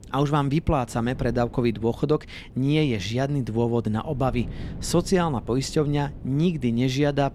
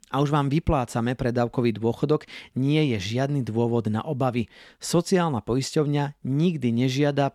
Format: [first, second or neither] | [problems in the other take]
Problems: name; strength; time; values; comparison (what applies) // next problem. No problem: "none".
second | wind noise on the microphone; occasional gusts; 25 dB below the speech